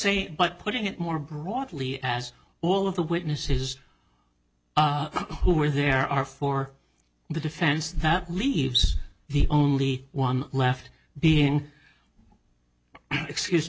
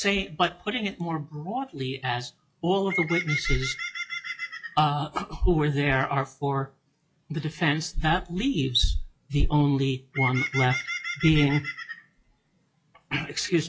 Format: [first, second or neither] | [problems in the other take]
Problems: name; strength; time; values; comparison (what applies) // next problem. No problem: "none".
first | noise reduction (classical method log-MMSE)